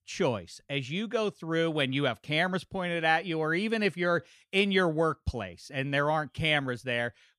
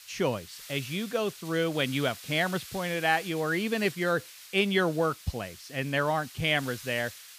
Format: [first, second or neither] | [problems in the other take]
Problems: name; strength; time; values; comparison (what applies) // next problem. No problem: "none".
first | hiss; noticeable; throughout; 15 dB below the speech